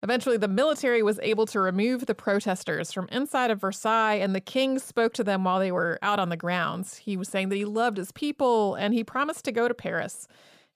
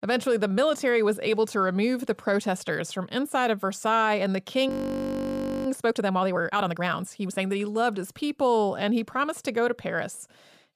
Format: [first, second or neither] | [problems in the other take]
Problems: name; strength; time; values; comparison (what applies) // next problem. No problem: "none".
first | audio freezing; at 4.5 s for 1 s